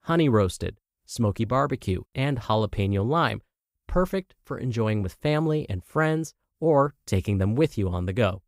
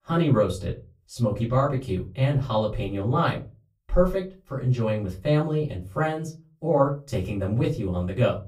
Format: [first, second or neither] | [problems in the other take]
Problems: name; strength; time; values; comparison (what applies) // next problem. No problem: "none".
first | off-mic speech; far // room echo; very slight; dies away in 0.3 s